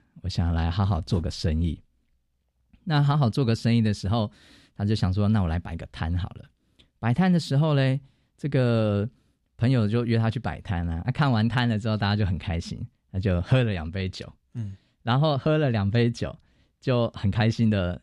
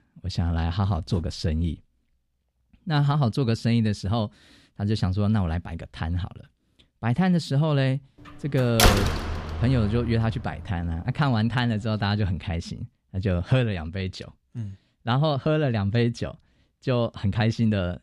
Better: first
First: none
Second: door banging; loud; from 9 to 10 s; peak 6 dB above the speech

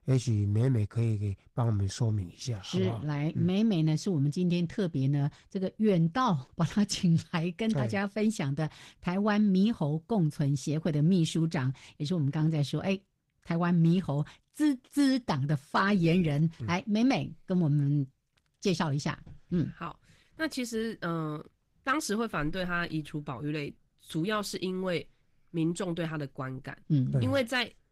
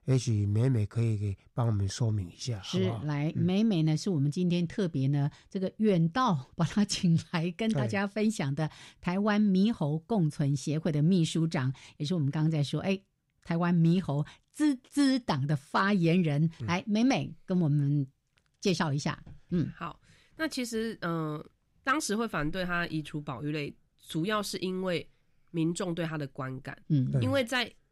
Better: second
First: garbled, watery; slightly; nothing above 15.5 kHz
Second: none

